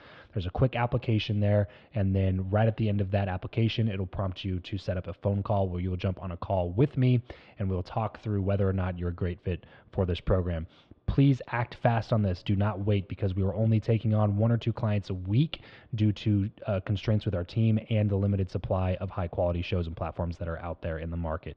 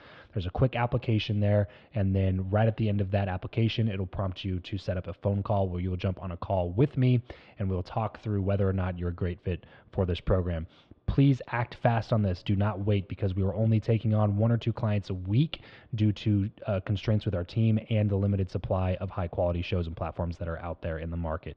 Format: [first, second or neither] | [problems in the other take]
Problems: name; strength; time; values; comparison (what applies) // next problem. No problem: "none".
neither | muffled; very; fading above 3 kHz; the same in both